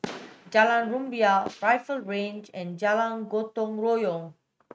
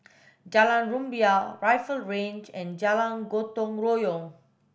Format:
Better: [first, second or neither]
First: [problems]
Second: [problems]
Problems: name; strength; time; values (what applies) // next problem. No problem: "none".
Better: second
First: noise reduction (neural mask model RNNoise)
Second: none